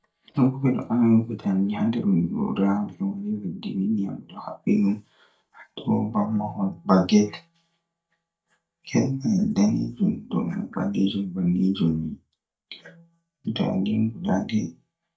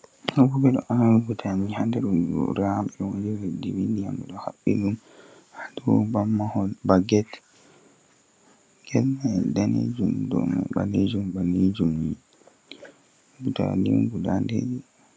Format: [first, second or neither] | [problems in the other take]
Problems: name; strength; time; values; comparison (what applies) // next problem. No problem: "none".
second | noise reduction (neural mask model DeepFilterNet 3)